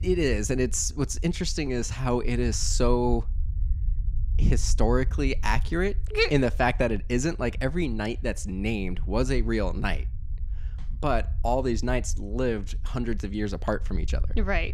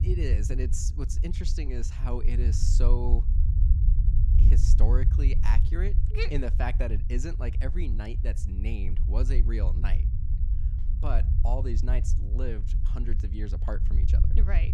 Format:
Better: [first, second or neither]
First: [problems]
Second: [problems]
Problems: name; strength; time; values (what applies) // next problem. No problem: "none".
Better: first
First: low rumble; faint; throughout; 25 dB below the speech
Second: low rumble; loud; throughout; 7 dB below the speech